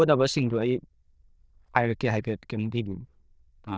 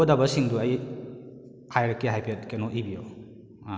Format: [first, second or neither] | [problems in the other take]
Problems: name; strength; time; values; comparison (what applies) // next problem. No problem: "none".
second | noise reduction (neural diffusion model UNIVERSE++)